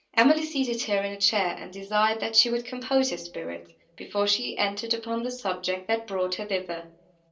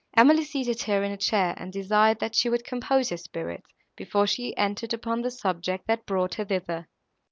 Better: second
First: room echo; dies away in 0.3 s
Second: none

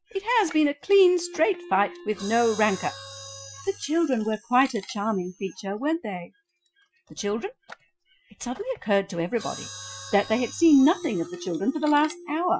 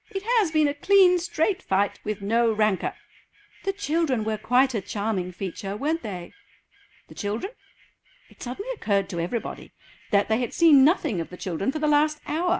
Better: second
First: noise reduction (classical method Wiener filter)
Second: none

